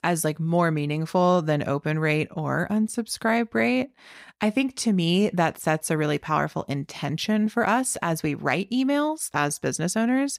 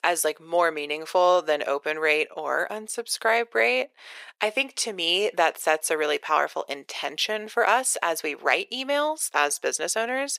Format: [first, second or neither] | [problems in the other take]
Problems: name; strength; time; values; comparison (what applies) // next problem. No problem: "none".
first | thin; very; fading below 450 Hz